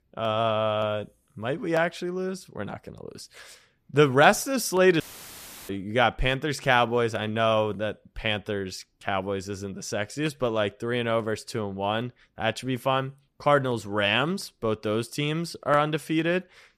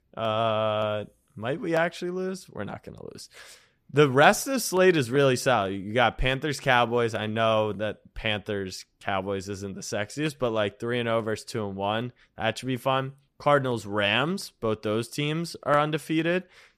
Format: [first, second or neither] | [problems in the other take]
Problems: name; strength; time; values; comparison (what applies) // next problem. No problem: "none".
second | audio cutting out; filled with static; at 5 s for 0.5 s